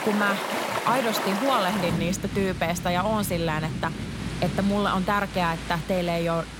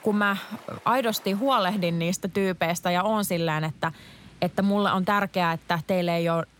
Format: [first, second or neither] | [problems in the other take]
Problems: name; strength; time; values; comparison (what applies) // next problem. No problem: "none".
second | rain or running water; loud; throughout; 5 dB below the speech; faint in the second